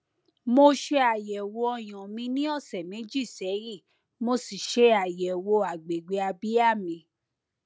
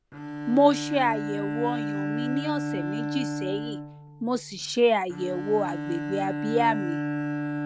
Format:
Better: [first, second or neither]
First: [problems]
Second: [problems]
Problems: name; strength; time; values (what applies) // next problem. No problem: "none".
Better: first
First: none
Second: background sound (Bowed string instrument); 4 dB below the speech